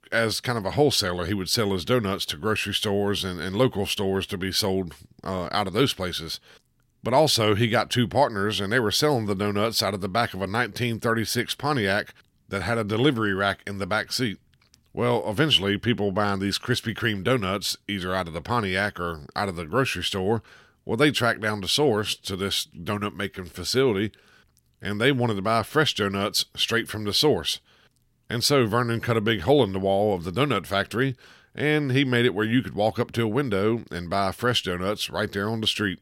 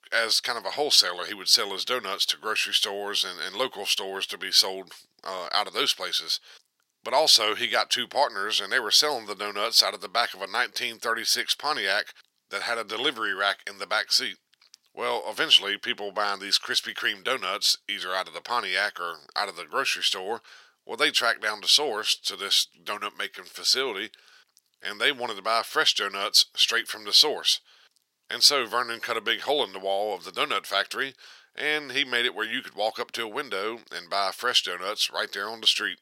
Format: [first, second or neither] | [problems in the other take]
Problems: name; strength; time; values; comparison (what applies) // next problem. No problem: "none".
first | thin; very; fading below 650 Hz